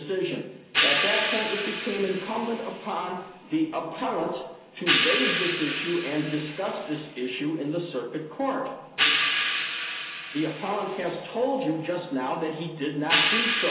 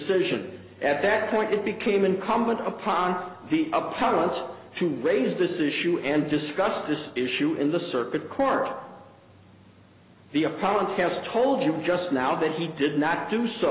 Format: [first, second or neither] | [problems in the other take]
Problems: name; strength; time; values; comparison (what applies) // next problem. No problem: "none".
second | background sound (Hi-hat); as loud as the speech // room echo; dies away in 0.4 s